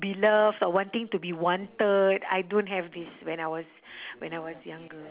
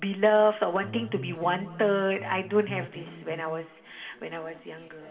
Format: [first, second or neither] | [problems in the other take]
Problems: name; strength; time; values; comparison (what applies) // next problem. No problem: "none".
first | background sound (Electric guitar); 13 dB below the speech // room echo; dies away in 1.8 s